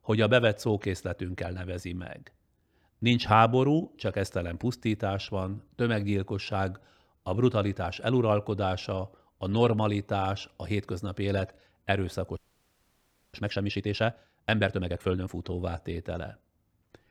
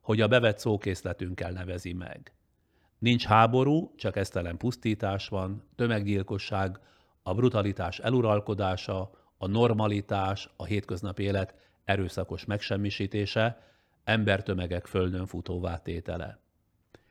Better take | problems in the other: second | audio freezing; at 12 s for 1 s

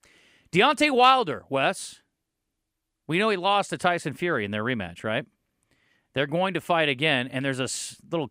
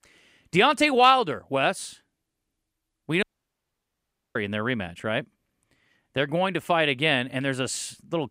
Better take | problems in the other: first | audio cutting out; at 3 s for 1 s

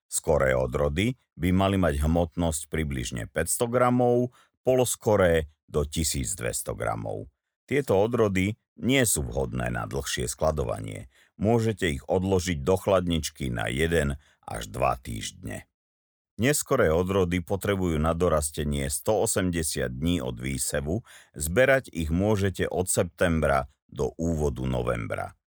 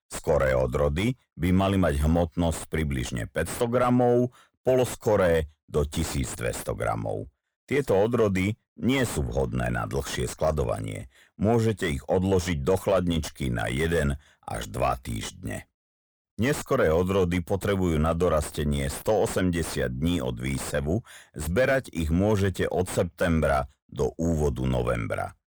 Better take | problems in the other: first | distortion; slight; 10 dB below the speech

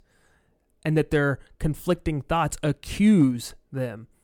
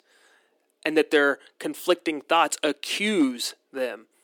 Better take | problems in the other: first | thin; somewhat; fading below 300 Hz

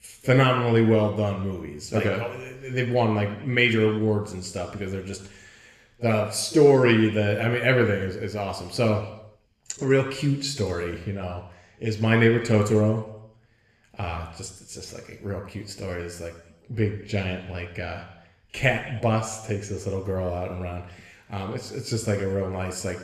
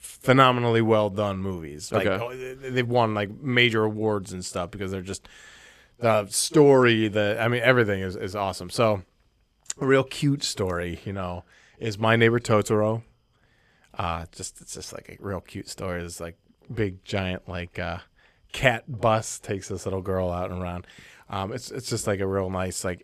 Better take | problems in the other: second | room echo; slight; dies away in 0.8 s

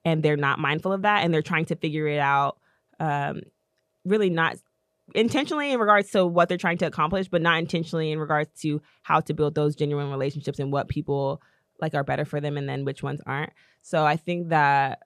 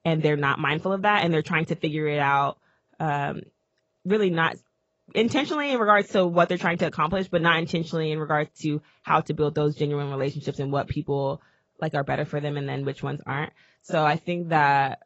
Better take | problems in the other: first | garbled, watery; badly; nothing above 8 kHz

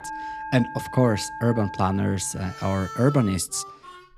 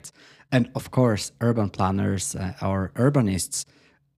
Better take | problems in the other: second | background music; noticeable; throughout; 15 dB below the speech

